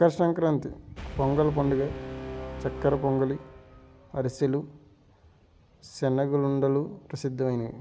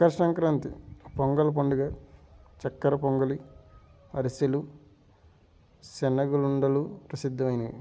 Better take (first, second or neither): second